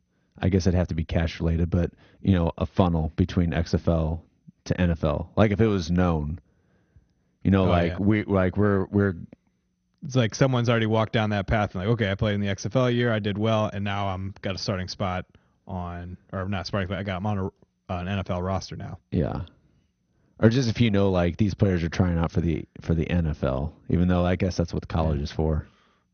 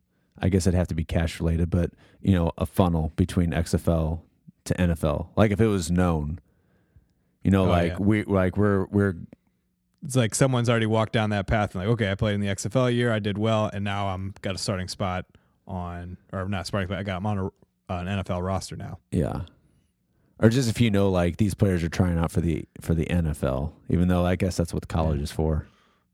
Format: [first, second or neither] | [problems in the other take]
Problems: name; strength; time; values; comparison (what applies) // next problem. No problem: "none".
second | garbled, watery; slightly; nothing above 6.5 kHz